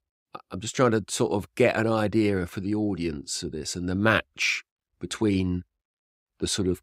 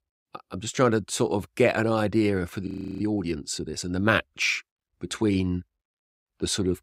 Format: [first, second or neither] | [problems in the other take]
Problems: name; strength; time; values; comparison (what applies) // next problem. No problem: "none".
first | audio freezing; at 2.5 s